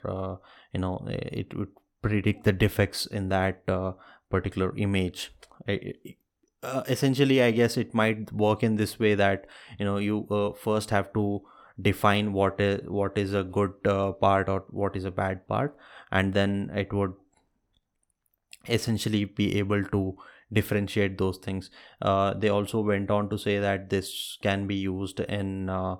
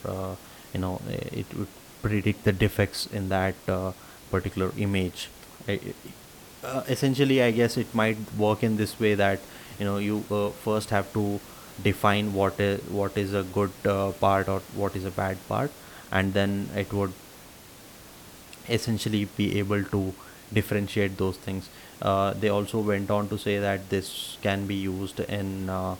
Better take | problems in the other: first | hiss; noticeable; throughout; 20 dB below the speech

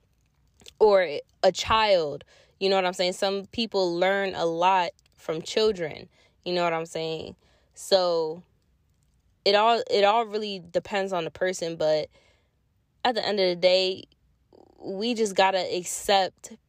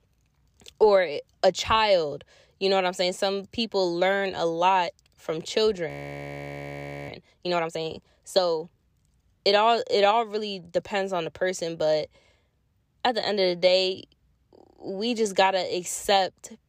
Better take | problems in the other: first | audio freezing; at 6 s for 1 s

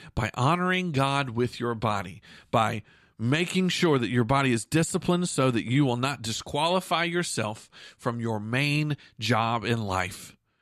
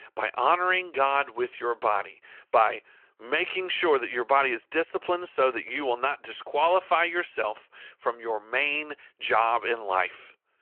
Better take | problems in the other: first | phone-call audio

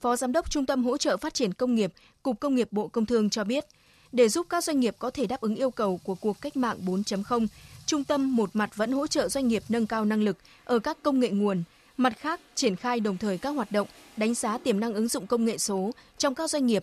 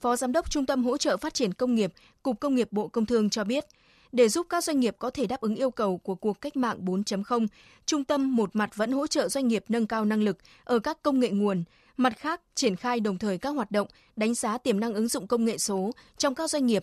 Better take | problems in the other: second | rain or running water; faint; throughout; 25 dB below the speech

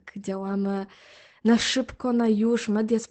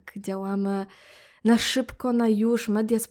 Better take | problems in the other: second | garbled, watery; badly; nothing above 8 kHz; slightly in the second

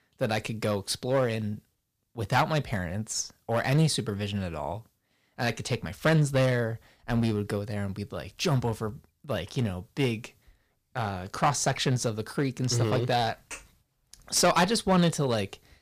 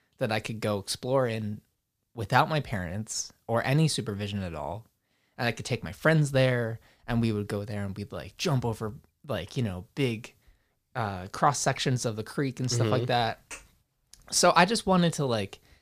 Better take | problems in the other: second | distortion; slight; 3% of the sound clipped

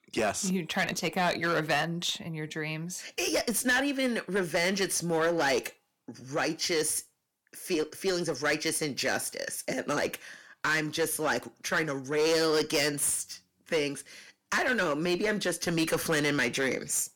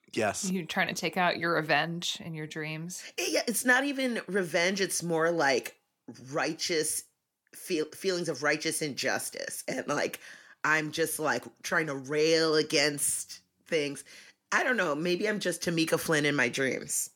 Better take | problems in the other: second | distortion; slight; 7% of the sound clipped

